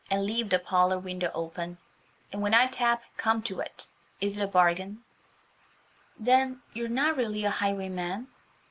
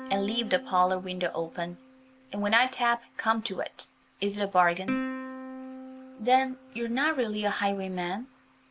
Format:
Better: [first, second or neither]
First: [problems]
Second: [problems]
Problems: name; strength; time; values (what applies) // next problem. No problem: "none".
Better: first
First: none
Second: background sound (Plucked string instrument); 13 dB below the speech